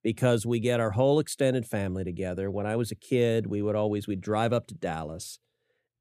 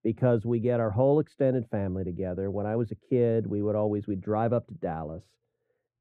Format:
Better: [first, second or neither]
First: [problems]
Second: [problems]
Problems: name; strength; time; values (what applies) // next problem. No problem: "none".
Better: first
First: none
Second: muffled; very; fading above 3 kHz